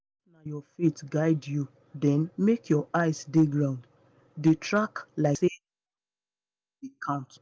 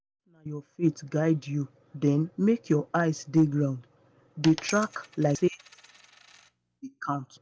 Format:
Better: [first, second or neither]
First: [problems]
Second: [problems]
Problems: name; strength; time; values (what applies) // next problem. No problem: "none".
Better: first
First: none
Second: background sound (Coin (dropping)); 16 dB below the speech